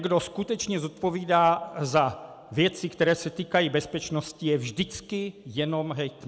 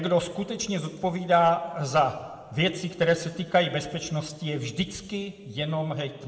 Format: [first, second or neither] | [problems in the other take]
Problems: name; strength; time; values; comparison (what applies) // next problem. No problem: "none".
first | room echo; dies away in 1.2 s